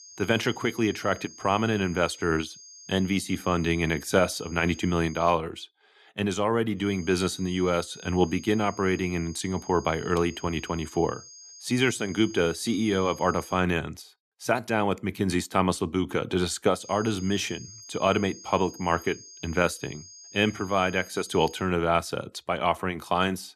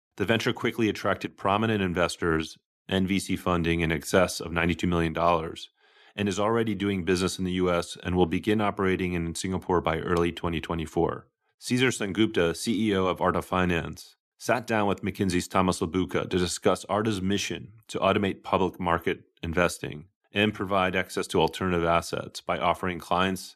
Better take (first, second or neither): second